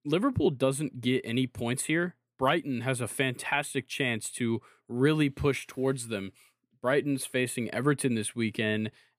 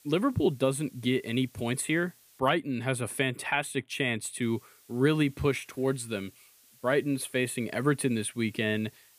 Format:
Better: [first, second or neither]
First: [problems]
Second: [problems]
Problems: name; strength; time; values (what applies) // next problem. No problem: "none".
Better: first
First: none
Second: hiss; faint; until 2.5 s and from 4.5 s on; 25 dB below the speech